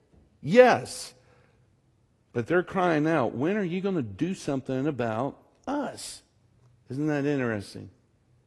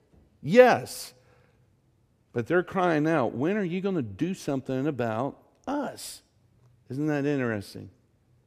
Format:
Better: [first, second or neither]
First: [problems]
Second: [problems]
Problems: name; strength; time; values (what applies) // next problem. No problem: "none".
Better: second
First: garbled, watery; slightly; nothing above 11 kHz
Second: none